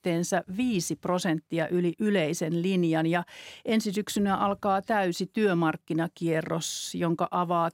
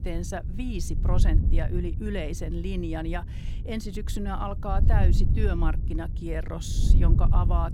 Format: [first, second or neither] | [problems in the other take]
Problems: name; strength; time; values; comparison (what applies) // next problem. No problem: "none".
first | wind noise on the microphone; heavy; 8 dB below the speech